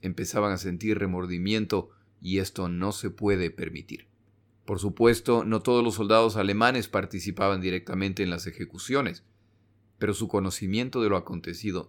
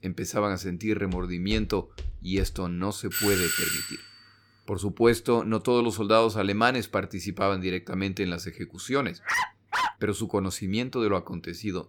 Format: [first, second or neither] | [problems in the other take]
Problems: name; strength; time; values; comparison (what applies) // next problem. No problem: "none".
first | footsteps; noticeable; from 1 to 2.5 s; peak 9 dB below the speech // doorbell; loud; at 3 s; peak 3 dB above the speech // dog barking; loud; at 9.5 s; peak level with the speech